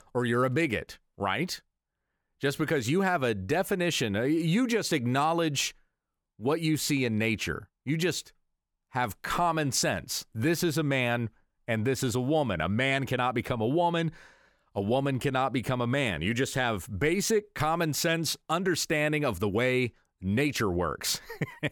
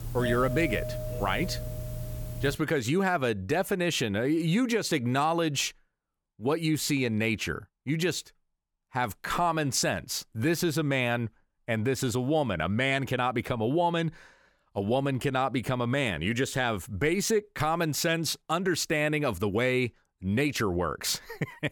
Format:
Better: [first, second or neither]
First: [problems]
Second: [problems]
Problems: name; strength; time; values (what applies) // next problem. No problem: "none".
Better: first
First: none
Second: doorbell; noticeable; until 2.5 s; peak 5 dB below the speech